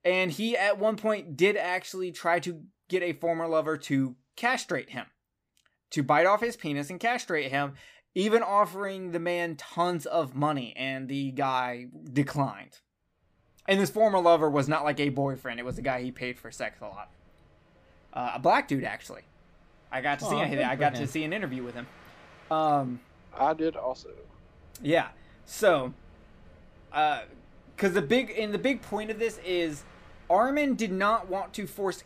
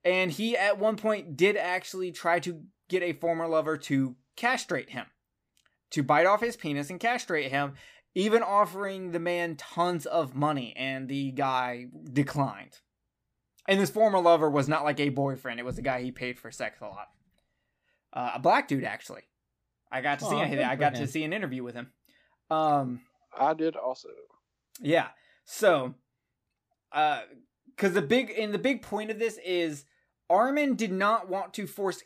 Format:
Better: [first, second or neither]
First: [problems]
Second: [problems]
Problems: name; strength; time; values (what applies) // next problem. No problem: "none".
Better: second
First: train or aircraft noise; faint; from 14 s on; 30 dB below the speech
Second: none